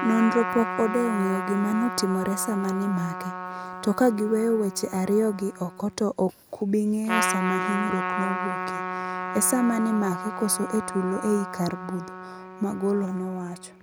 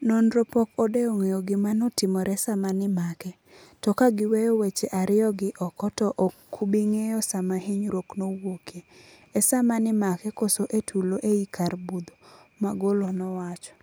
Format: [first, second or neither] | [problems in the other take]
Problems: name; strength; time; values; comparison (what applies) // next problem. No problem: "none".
second | background sound (Trumpet); 6 dB below the speech